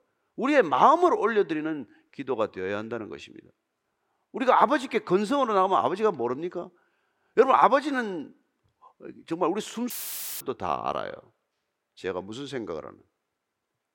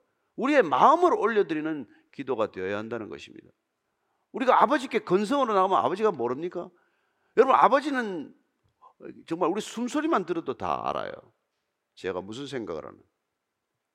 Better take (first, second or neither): second